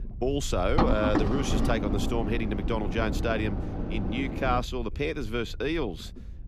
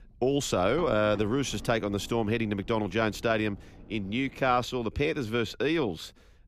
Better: second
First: low rumble; loud; throughout; 4 dB below the speech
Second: low rumble; faint; throughout; 25 dB below the speech

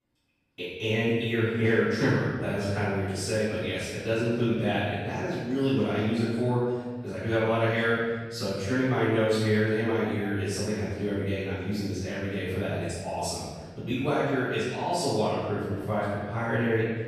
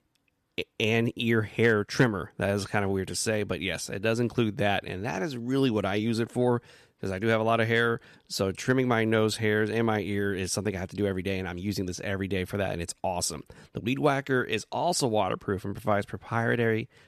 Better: second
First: room echo; strong; dies away in 1.4 s // off-mic speech; far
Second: none

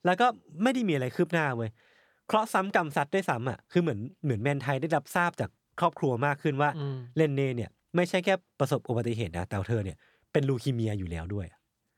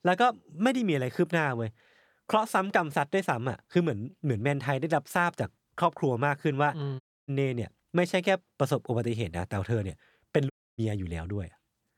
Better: first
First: none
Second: audio cutting out; at 7 s and at 11 s

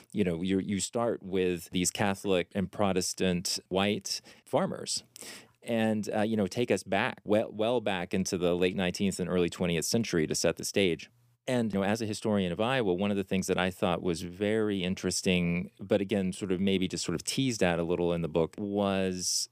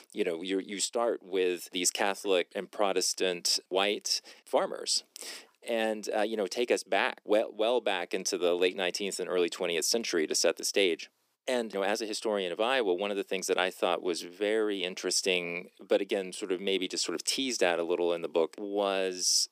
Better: first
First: none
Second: thin; somewhat; fading below 300 Hz

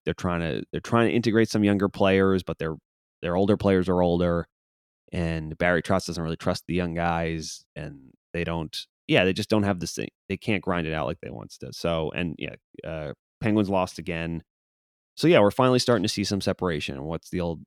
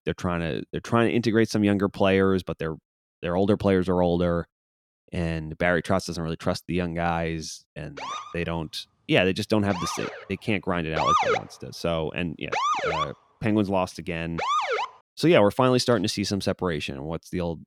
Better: first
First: none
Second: siren; loud; from 8 to 15 s; peak 4 dB above the speech

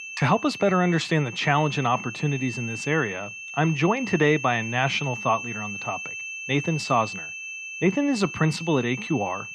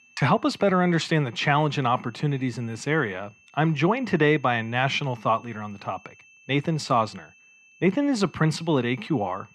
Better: second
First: high-pitched whine; loud; throughout; 2.5 kHz, 9 dB below the speech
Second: high-pitched whine; faint; throughout; 2.5 kHz, 30 dB below the speech

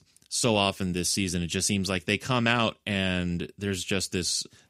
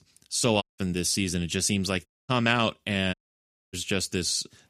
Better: first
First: none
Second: audio cutting out; at 0.5 s, at 2 s and at 3 s for 0.5 s

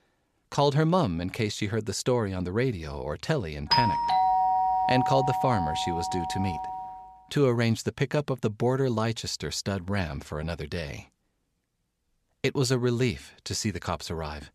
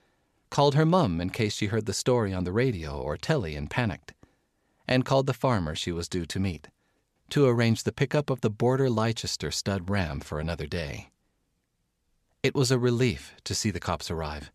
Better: second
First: doorbell; loud; from 3.5 to 7 s; peak 5 dB above the speech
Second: none

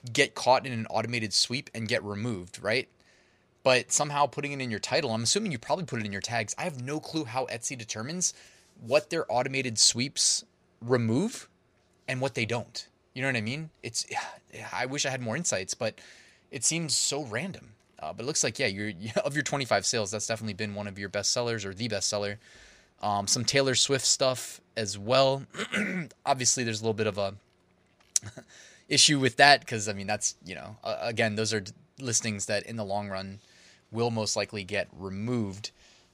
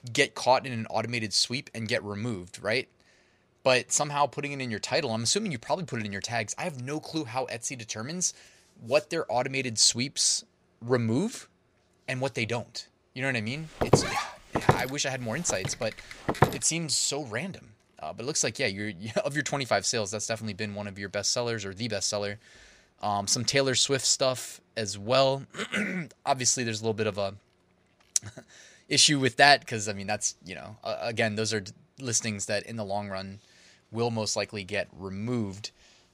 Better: first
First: none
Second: footsteps; loud; from 14 to 16 s; peak 3 dB above the speech

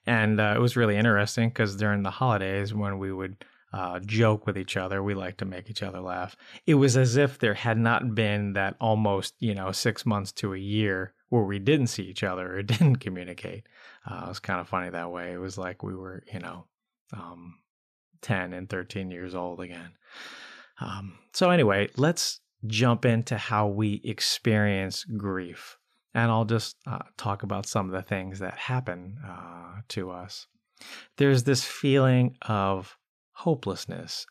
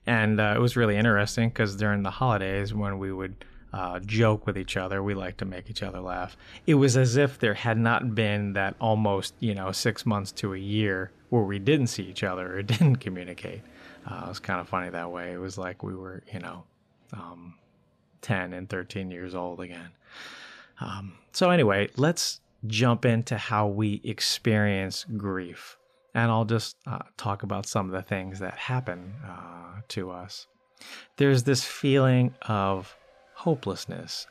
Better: first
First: none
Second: traffic noise; faint; throughout; 30 dB below the speech

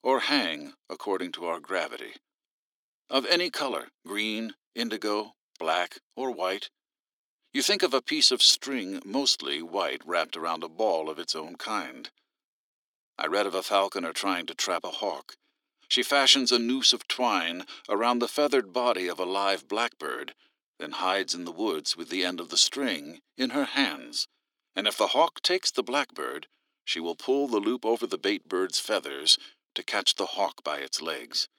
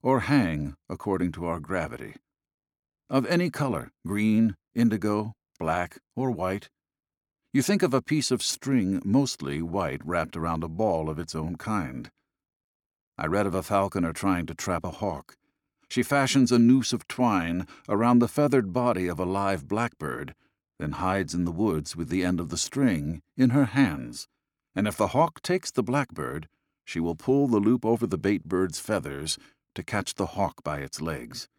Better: second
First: thin; somewhat; fading below 350 Hz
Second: none

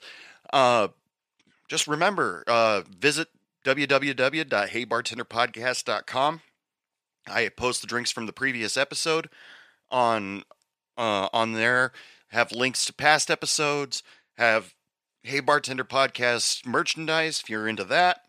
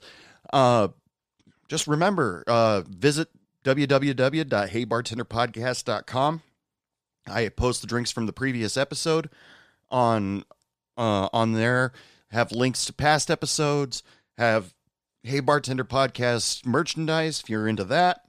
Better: second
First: thin; somewhat; fading below 500 Hz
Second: none

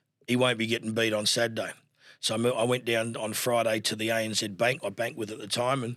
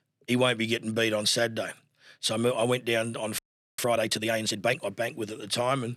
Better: first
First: none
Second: audio freezing; at 3.5 s

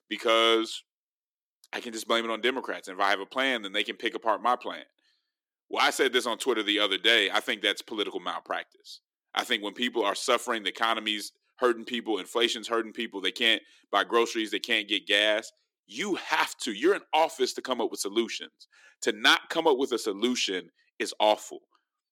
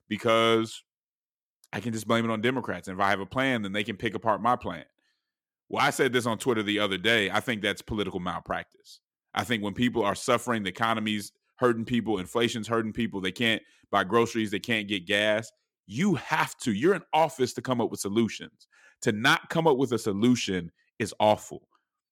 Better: second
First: thin; somewhat; fading below 300 Hz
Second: none

